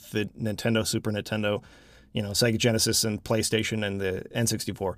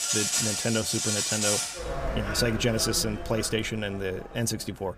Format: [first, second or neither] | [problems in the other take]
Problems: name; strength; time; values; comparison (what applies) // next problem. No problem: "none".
first | animal sounds; very loud; throughout; 1 dB above the speech